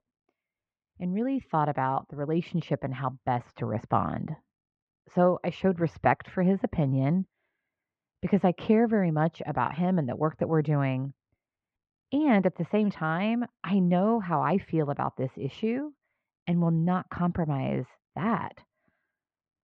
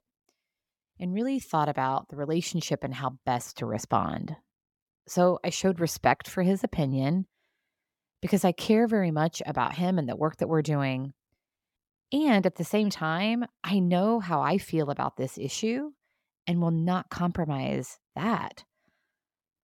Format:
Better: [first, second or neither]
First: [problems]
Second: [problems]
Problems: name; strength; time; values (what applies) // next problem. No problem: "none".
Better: second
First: muffled; very; fading above 2.5 kHz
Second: none